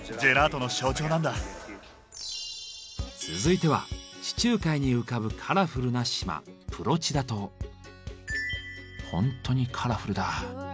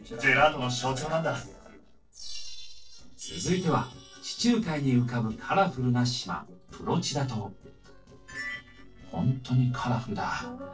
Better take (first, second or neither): first